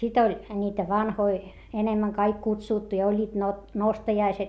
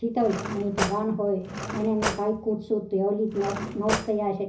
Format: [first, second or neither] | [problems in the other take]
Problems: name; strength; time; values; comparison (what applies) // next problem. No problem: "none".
first | background sound (Cutlery, silverware / Drawer open or close); 6 dB below the speech // room echo; dies away in 0.4 s